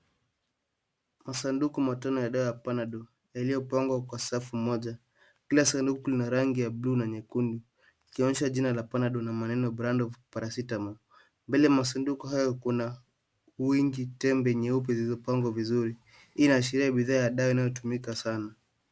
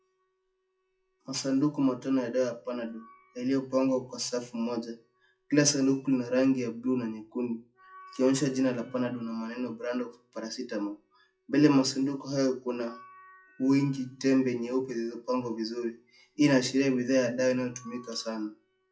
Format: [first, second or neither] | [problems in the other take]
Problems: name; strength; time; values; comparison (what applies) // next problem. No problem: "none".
first | noise reduction (classical method WPE with log-MMSE)